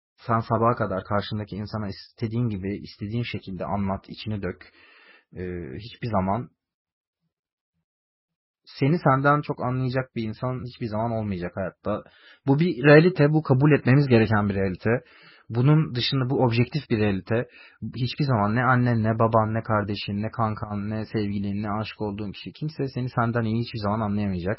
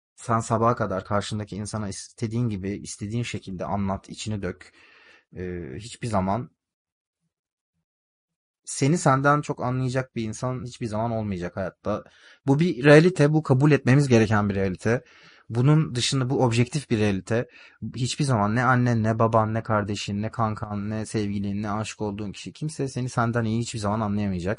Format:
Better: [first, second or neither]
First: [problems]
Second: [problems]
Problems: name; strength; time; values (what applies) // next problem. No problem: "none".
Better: second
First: garbled, watery; badly; nothing above 5.5 kHz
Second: garbled, watery; slightly; nothing above 10 kHz